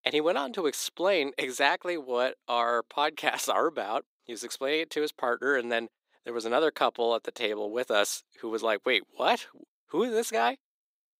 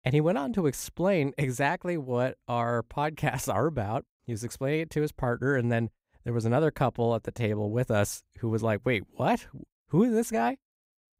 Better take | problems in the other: second | thin; somewhat; fading below 300 Hz

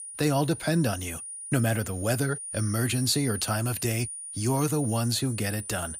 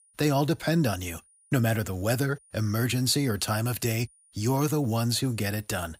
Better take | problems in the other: second | high-pitched whine; loud; throughout; 9.5 kHz, 8 dB below the speech; faint in the second

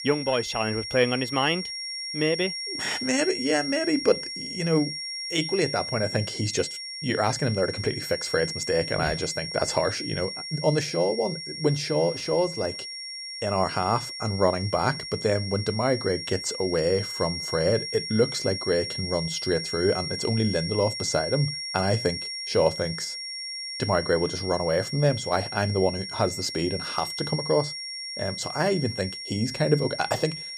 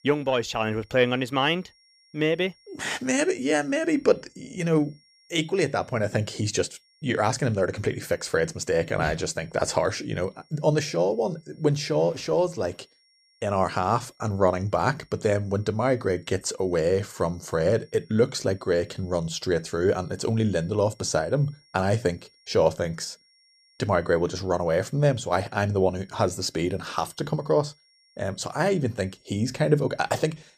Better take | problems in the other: second | high-pitched whine; loud; throughout; 5.5 kHz, 5 dB below the speech; faint in the second

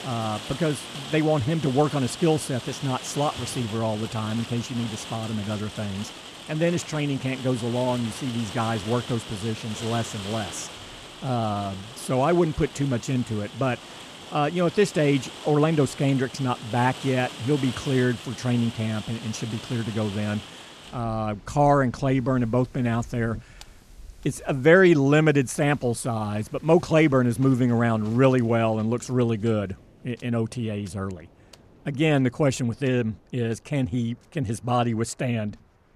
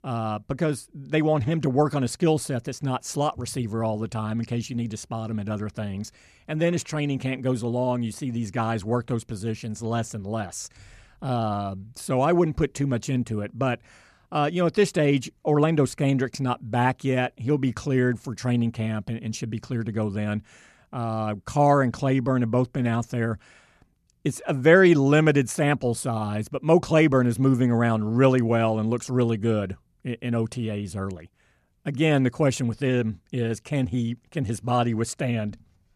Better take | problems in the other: second | rain or running water; noticeable; throughout; 15 dB below the speech

